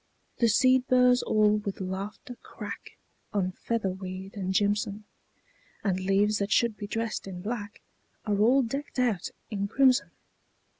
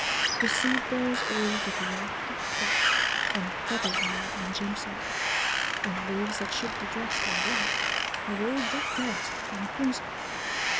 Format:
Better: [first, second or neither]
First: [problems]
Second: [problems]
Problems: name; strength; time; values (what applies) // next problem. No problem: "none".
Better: first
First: none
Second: background sound (Wind); 5 dB above the speech